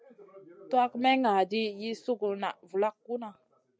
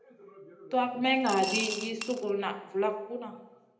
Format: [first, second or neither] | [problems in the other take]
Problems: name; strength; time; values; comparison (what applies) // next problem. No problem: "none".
first | background sound (Coin (dropping) / Glass); 7 dB below the speech // room echo; dies away in 0.8 s